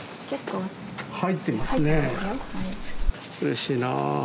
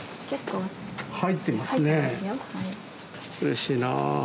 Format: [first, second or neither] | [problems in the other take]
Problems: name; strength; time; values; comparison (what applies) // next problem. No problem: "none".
second | background sound (Meow); 1 dB above the speech